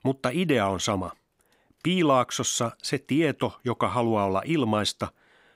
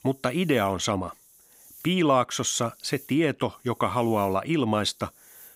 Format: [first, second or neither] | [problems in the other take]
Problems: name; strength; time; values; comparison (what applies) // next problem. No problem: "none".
first | hiss; faint; throughout; 25 dB below the speech